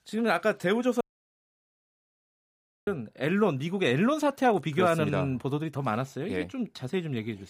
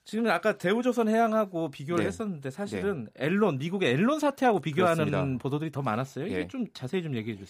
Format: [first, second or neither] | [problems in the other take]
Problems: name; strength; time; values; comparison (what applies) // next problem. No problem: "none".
second | audio cutting out; at 1 s for 2 s